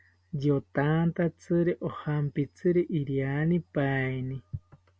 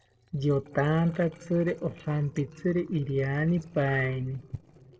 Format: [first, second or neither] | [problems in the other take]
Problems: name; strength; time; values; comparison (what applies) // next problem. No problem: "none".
first | noise reduction (neural separator model SepFormer DNS4)